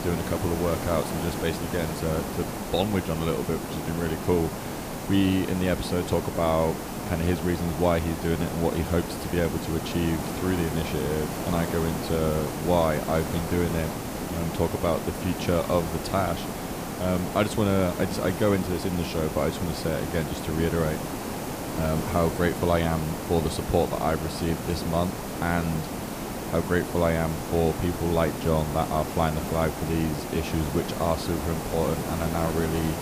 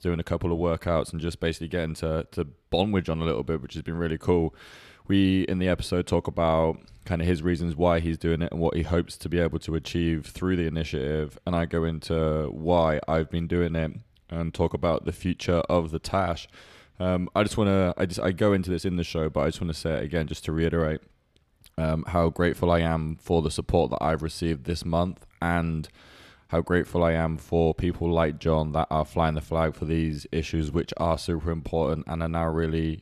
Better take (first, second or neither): second